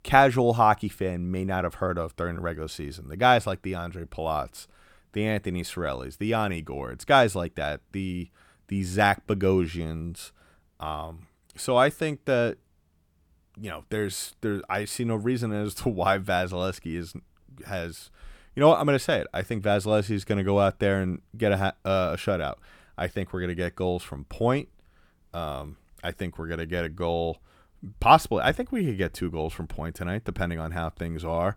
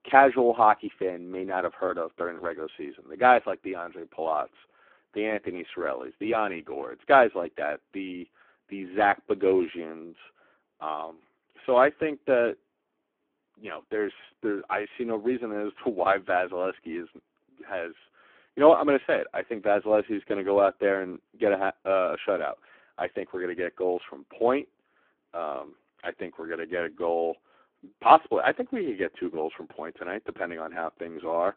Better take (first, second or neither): first